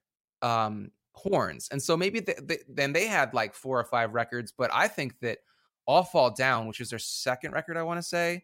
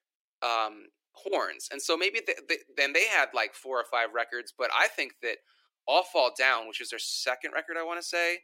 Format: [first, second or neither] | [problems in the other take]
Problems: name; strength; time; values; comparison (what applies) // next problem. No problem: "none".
first | thin; very; fading below 300 Hz